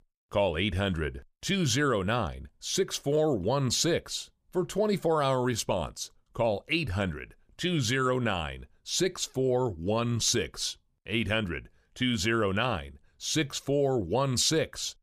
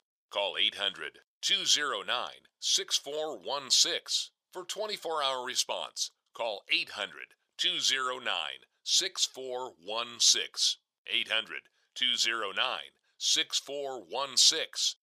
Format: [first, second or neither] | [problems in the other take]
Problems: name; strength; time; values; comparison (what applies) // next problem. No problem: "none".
first | thin; very; fading below 700 Hz